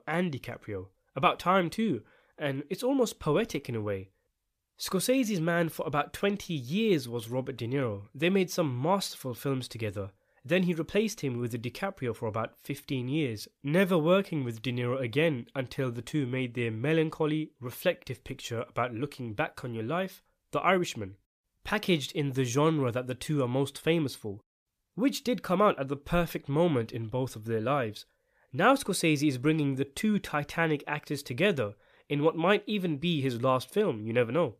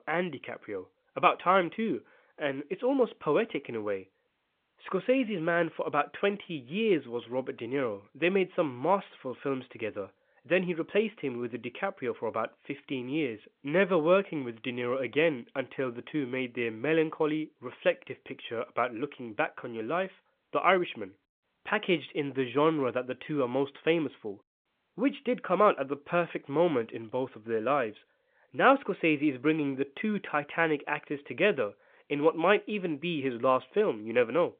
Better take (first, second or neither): first